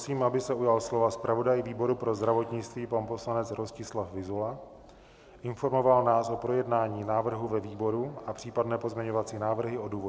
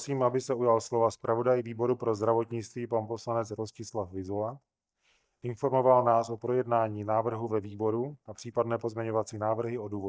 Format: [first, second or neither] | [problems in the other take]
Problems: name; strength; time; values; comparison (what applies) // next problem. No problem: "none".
first | noise reduction (neural mask model DeepFilterNet 3)